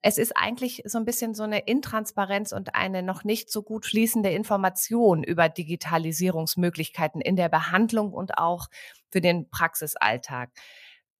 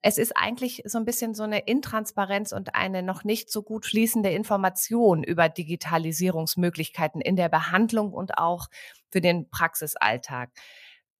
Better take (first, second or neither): neither